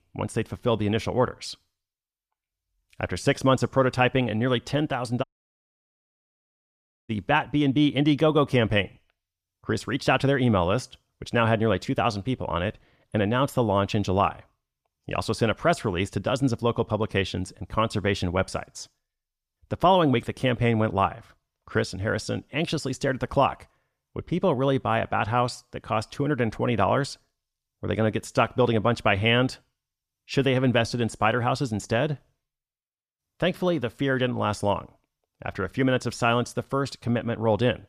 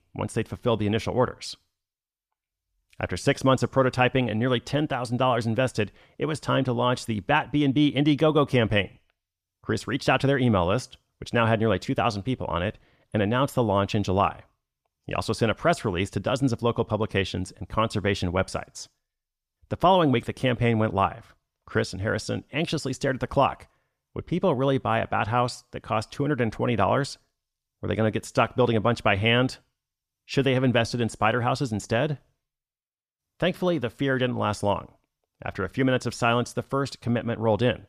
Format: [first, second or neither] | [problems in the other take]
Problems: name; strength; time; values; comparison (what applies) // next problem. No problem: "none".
second | audio cutting out; at 5 s for 2 s